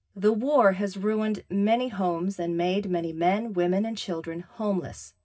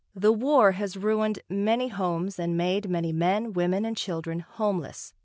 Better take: second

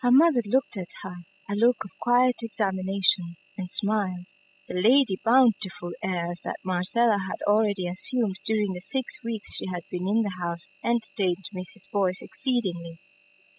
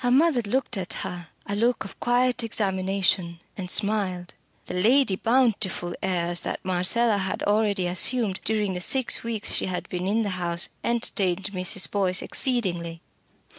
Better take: second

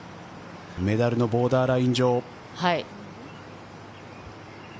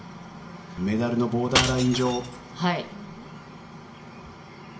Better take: first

